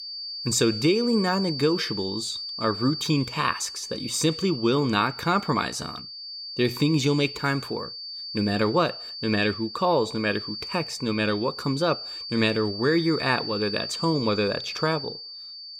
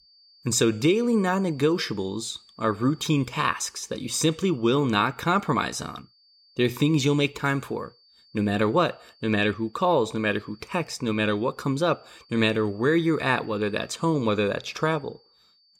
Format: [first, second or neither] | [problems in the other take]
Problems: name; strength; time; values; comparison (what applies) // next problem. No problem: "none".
second | high-pitched whine; loud; throughout; 4.5 kHz, 8 dB below the speech; faint in the second